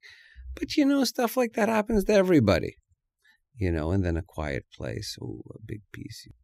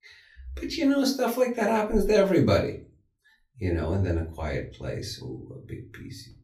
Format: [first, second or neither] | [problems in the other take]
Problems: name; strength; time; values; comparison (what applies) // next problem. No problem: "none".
first | off-mic speech; far // room echo; very slight; dies away in 0.3 s